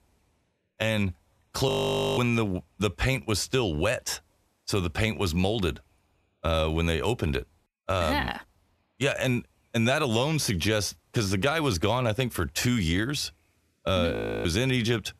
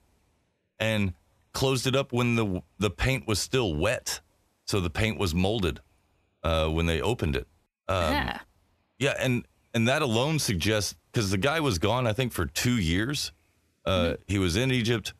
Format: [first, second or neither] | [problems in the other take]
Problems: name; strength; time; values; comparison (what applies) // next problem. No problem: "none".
second | audio freezing; at 1.5 s and at 14 s